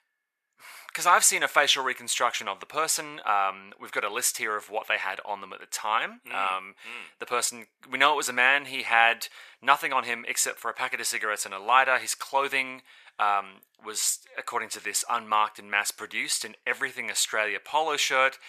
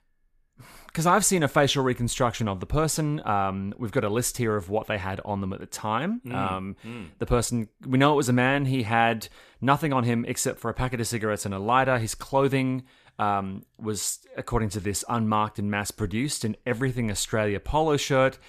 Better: second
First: thin; very; fading below 850 Hz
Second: none

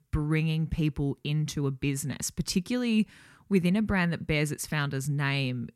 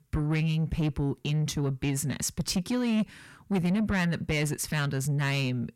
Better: first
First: none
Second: distortion; slight; 10 dB below the speech

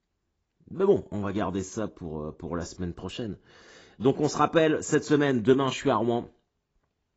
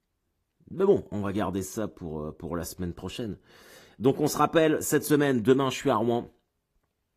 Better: second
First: garbled, watery; badly; nothing above 7.5 kHz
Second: garbled, watery; slightly; nothing above 15 kHz

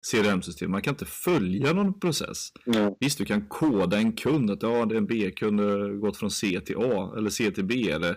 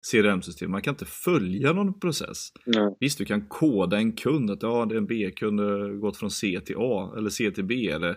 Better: second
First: distortion; slight; 7% of the sound clipped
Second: none

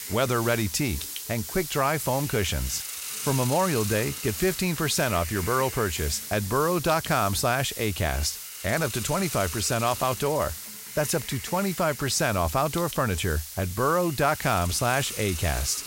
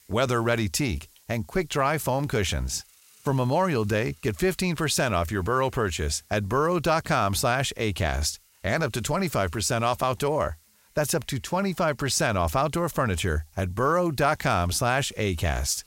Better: second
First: hiss; loud; throughout; 8 dB below the speech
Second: hiss; faint; throughout; 30 dB below the speech

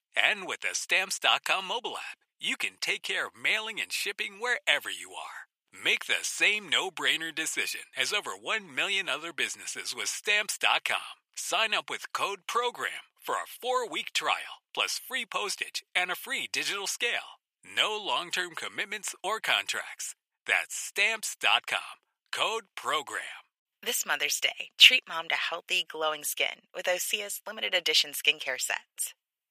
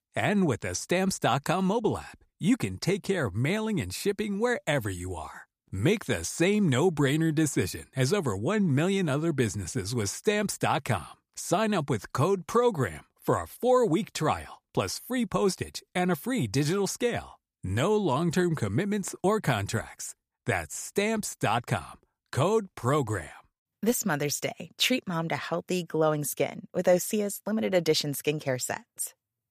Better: second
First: thin; very; fading below 850 Hz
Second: none

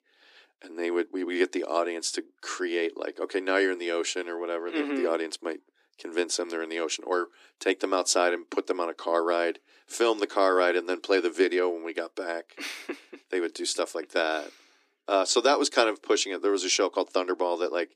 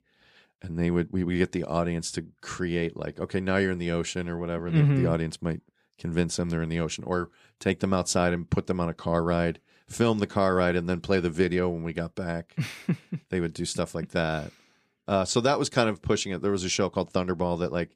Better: second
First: thin; somewhat; fading below 300 Hz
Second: none

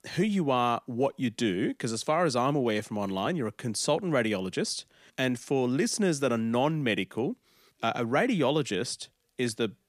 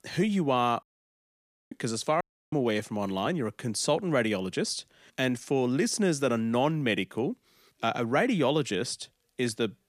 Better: first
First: none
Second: audio cutting out; at 1 s for 1 s and at 2 s

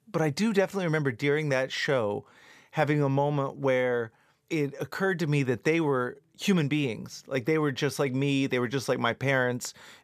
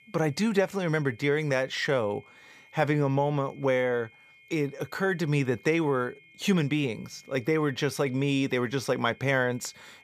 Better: first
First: none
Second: high-pitched whine; faint; throughout; 2 kHz, 25 dB below the speech

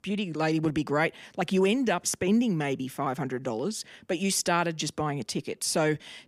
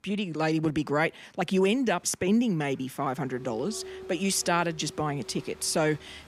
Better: first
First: none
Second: crowd noise; noticeable; throughout; 20 dB below the speech

